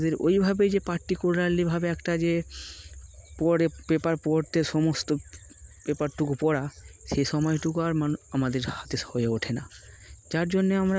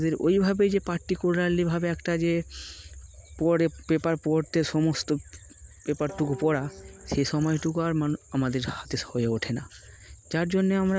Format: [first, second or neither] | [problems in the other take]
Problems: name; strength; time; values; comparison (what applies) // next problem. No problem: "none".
first | background sound (Guitar); 18 dB below the speech